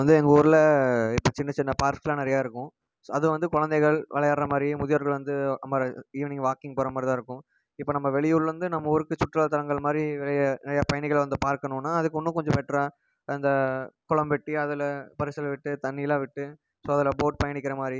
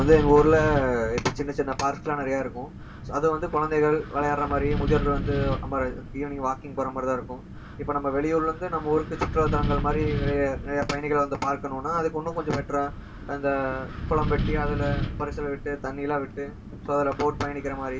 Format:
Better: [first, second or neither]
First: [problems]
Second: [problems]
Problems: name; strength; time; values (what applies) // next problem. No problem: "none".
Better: first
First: none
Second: background sound (Wind); 6 dB below the speech // room echo; dies away in 0.2 s